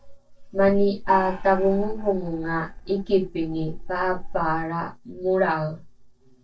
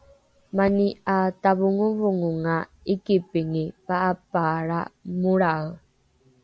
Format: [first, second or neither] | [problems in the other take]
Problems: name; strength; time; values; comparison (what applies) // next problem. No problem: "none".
second | noise reduction (neural separator model SepFormer DNS4)